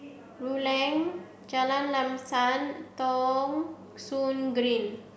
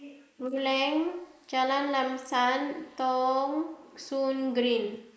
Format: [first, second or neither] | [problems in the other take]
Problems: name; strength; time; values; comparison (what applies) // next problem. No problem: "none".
first | noise reduction (neural mask model Resemble Enhance denoiser)